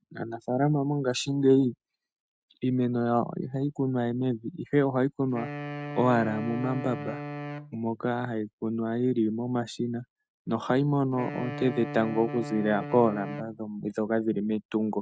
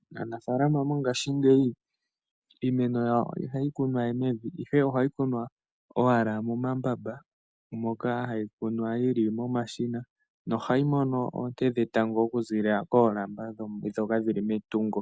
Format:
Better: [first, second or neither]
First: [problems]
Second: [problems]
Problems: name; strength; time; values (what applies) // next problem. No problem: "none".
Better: second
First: noise reduction (neural mask model RNNoise)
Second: none